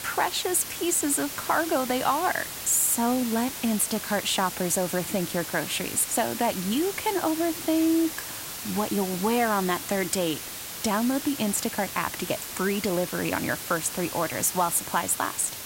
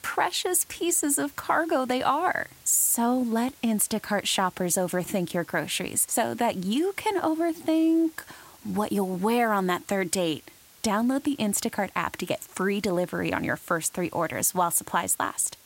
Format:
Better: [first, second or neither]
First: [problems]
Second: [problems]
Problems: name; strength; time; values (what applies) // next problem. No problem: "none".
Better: second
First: hiss; loud; throughout; 7 dB below the speech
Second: hiss; faint; throughout; 25 dB below the speech